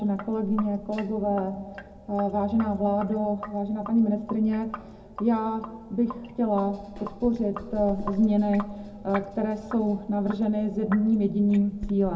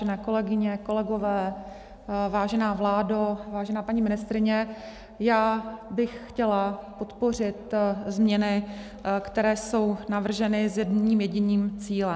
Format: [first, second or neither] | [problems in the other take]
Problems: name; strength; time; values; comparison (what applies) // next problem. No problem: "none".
second | background sound (Sink (filling or washing)); 15 dB below the speech // room echo; dies away in 0.4 s